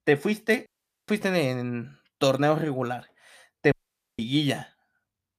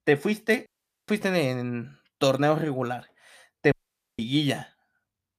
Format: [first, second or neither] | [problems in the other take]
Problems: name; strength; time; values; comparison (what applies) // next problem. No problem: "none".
neither | audio cutting out; at 0.5 s and at 3.5 s; the same in both